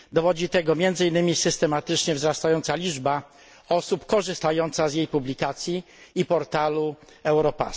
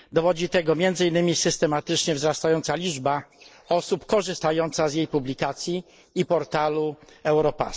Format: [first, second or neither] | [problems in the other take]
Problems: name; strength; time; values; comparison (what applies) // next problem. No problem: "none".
first | noise reduction (neural mask model Resemble Enhance denoiser)